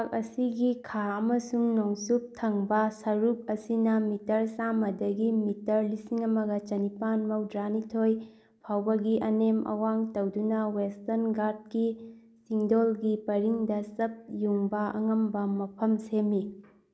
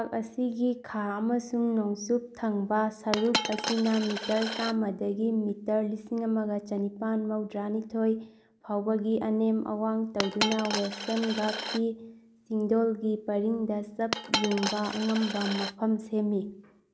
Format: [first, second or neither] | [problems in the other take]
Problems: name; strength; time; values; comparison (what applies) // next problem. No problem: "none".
first | background sound (Coin (dropping)); 8 dB below the speech